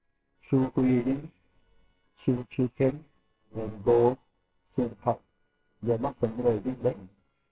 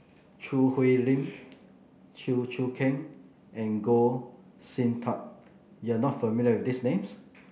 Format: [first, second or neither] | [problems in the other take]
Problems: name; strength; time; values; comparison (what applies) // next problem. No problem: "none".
second | noise reduction (neural separator model SepFormer WHAMR!)